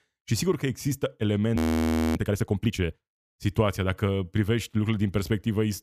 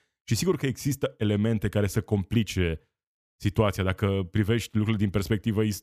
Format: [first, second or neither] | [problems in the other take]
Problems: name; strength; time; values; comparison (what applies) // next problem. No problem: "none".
second | audio freezing; at 1.5 s for 0.5 s